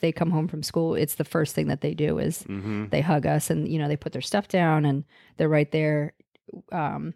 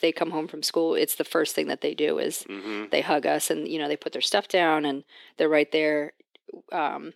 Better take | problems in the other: first | thin; somewhat; fading below 350 Hz

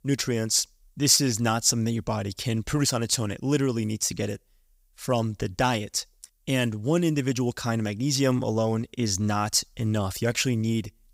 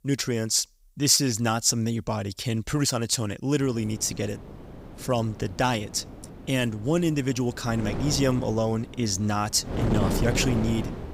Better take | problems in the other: first | wind noise on the microphone; heavy; from 3.5 s on; 10 dB below the speech

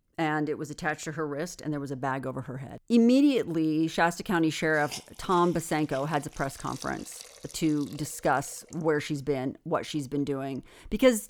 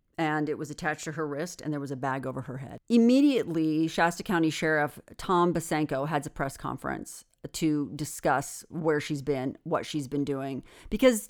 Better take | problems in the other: second | hiss; noticeable; throughout; 20 dB below the speech

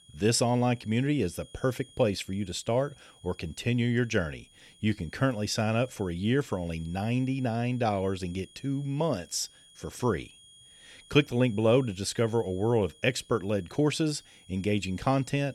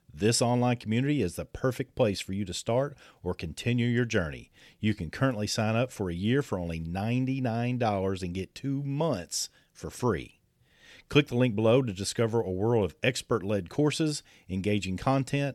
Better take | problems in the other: second | high-pitched whine; faint; throughout; 3.5 kHz, 25 dB below the speech

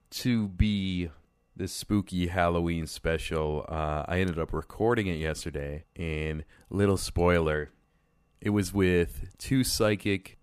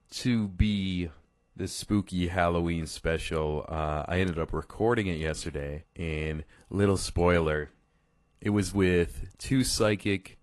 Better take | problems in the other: first | garbled, watery; slightly; nothing above 11.5 kHz

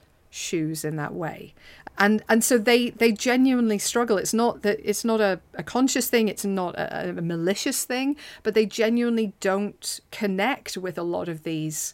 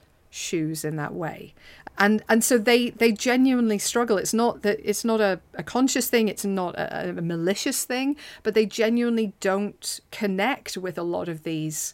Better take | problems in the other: neither | none

